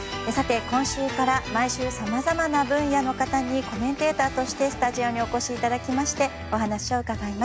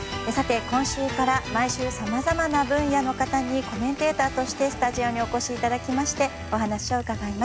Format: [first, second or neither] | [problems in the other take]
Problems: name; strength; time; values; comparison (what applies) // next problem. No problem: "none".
first | background sound (Typing); 18 dB below the speech